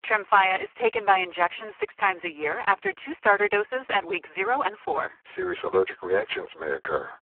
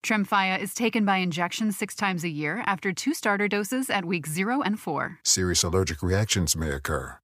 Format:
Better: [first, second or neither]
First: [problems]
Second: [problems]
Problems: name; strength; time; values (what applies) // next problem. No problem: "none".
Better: second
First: phone-call audio; poor line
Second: none